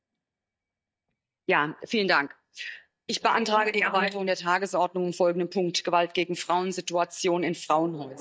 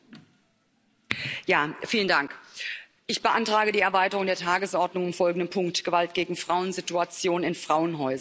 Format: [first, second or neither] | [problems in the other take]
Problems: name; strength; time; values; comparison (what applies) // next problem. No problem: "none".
second | noise reduction (neural mask model DeepFilterNet 3)